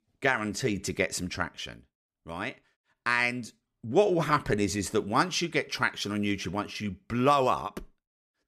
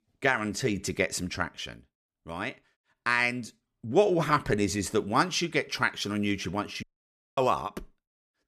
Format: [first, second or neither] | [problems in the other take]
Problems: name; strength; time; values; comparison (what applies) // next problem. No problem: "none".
first | audio cutting out; at 7 s for 0.5 s